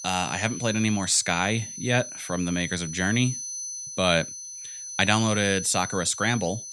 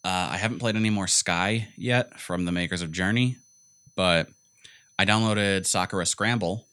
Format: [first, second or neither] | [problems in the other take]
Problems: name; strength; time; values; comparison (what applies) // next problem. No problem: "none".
second | high-pitched whine; loud; throughout; 6 kHz, 9 dB below the speech; faint in the second